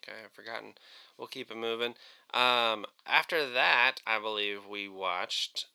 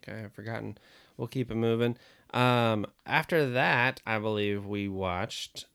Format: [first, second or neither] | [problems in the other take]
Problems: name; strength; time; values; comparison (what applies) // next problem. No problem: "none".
second | thin; very; fading below 500 Hz